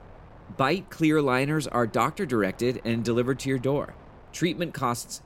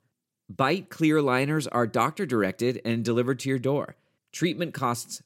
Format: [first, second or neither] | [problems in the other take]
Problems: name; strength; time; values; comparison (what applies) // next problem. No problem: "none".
second | wind noise on the microphone; occasional gusts; 25 dB below the speech